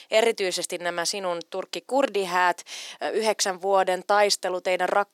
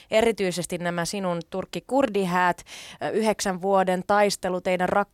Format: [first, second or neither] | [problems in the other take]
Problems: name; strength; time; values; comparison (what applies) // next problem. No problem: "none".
second | thin; somewhat; fading below 300 Hz